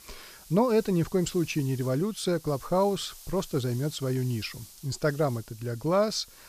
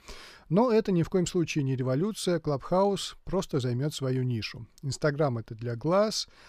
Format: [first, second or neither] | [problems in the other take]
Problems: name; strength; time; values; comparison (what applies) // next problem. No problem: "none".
second | hiss; noticeable; throughout; 20 dB below the speech